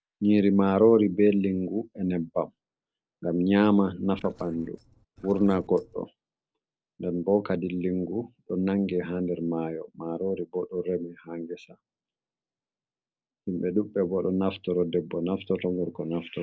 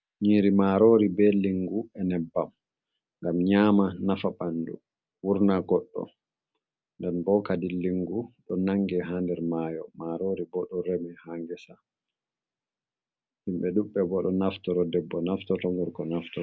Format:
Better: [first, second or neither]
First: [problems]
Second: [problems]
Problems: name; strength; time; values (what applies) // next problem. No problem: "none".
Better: second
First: noise reduction (neural separator model SepFormer DNS4)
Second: none